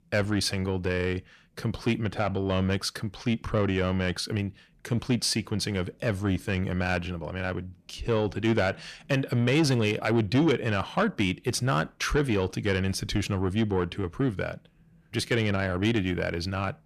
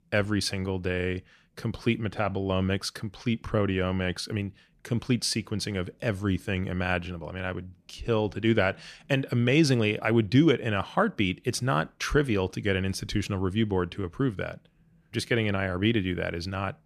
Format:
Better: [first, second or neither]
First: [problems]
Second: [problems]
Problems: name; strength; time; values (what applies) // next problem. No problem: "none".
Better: second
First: distortion; slight; 10 dB below the speech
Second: none